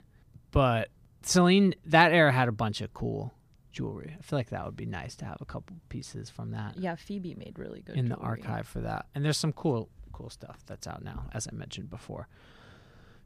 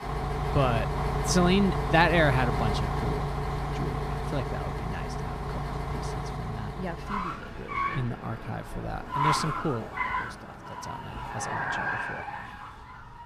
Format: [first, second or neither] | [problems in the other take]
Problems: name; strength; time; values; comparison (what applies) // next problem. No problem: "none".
first | traffic noise; loud; throughout; 2 dB below the speech